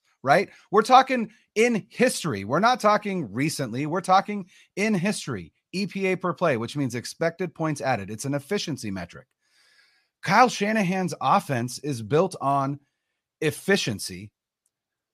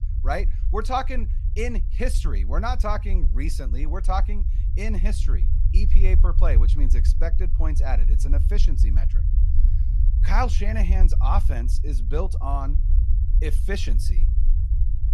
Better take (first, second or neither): first